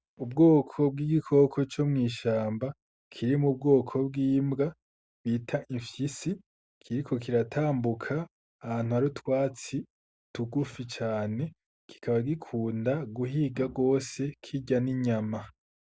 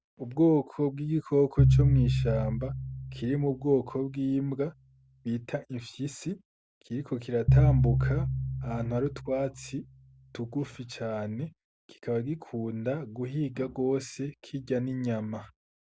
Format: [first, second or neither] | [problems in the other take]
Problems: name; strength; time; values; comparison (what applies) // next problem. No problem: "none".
first | background sound (Piano); 3 dB above the speech